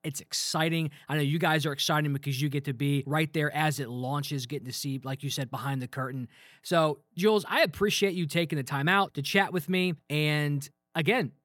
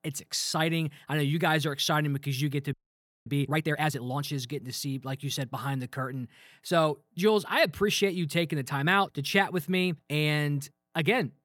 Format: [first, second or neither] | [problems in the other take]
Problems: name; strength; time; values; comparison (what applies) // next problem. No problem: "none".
first | audio freezing; at 2.5 s for 0.5 s